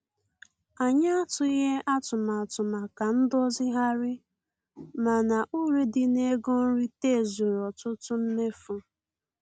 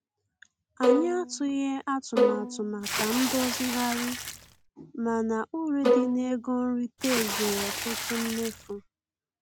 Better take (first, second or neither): first